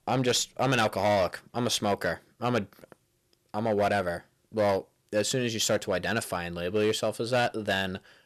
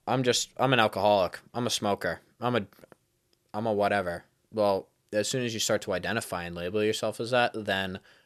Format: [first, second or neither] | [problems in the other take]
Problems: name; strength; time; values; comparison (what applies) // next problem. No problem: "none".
second | distortion; slight; 5% of the sound clipped